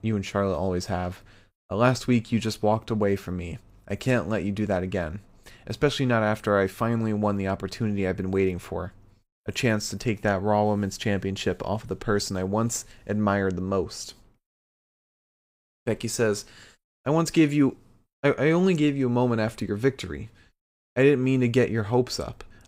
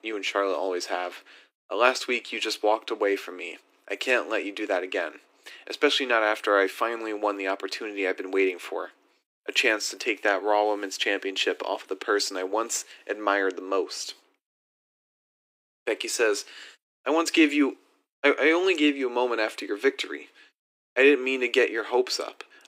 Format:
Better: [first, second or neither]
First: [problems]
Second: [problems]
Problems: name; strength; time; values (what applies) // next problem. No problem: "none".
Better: first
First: none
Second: thin; somewhat; fading below 300 Hz